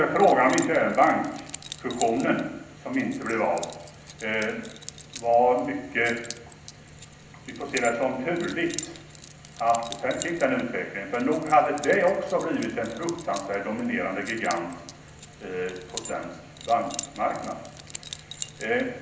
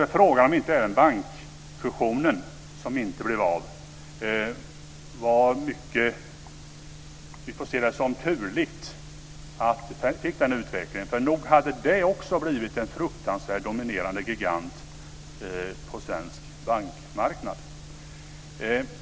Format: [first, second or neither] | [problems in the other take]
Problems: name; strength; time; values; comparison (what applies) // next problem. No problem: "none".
second | background sound (Keys jangling); 16 dB below the speech // room echo; dies away in 0.8 s